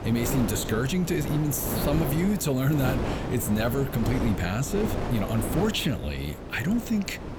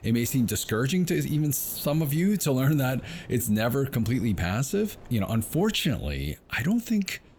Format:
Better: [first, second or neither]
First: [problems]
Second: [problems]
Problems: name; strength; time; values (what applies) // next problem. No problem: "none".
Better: second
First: wind noise on the microphone; heavy; 4 dB below the speech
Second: wind noise on the microphone; occasional gusts; 25 dB below the speech